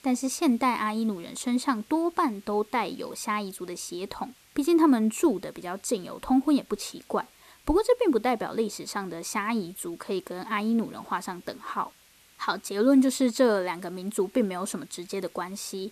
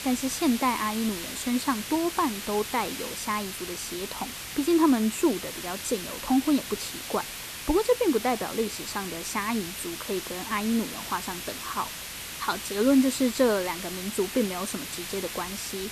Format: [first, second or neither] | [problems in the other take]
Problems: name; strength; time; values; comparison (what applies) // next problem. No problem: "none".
first | hiss; loud; throughout; 7 dB below the speech; faint in the first